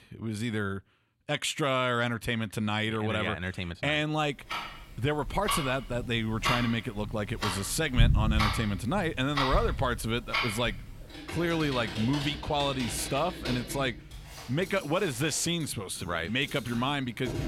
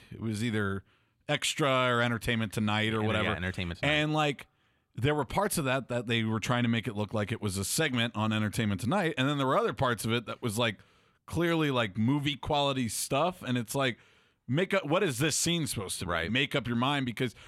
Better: second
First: household noises; loud; from 4.5 s on; 4 dB below the speech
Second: none

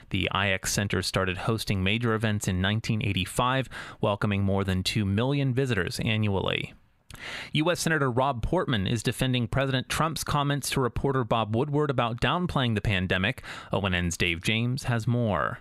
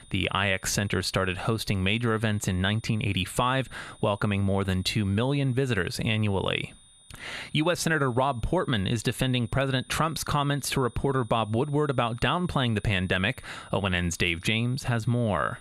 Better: first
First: none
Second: high-pitched whine; faint; throughout; 9.5 kHz, 25 dB below the speech

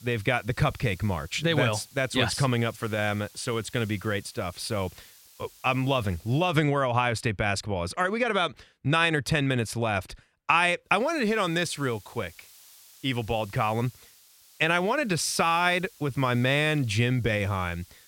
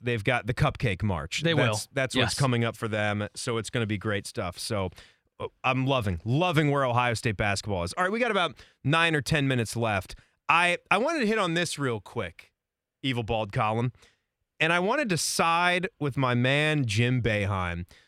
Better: second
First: hiss; faint; until 6.5 s and from 11 s on; 25 dB below the speech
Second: none

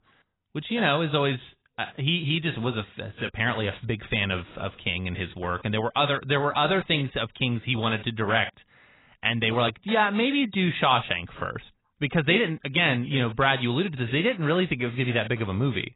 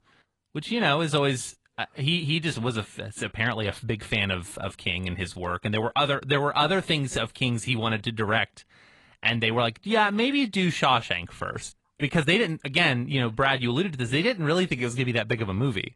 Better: second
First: garbled, watery; badly; nothing above 4 kHz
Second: garbled, watery; slightly; nothing above 10.5 kHz

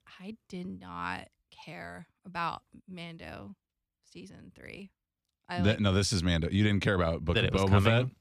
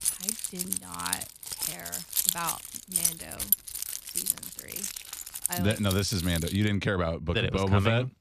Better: first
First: none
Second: jangling keys; loud; until 6.5 s; peak 3 dB above the speech

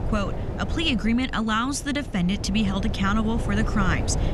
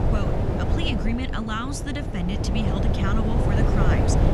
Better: first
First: wind noise on the microphone; occasional gusts; 10 dB below the speech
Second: wind noise on the microphone; heavy; 1 dB above the speech

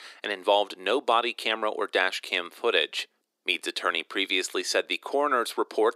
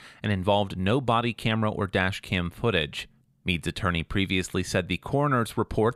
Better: second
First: thin; very; fading below 300 Hz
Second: none

